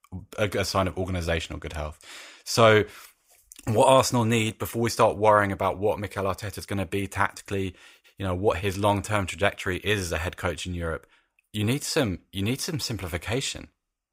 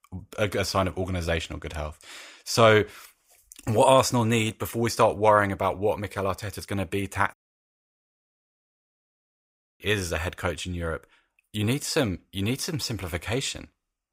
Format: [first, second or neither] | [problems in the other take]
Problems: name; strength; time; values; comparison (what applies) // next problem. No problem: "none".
first | audio cutting out; at 7.5 s for 2.5 s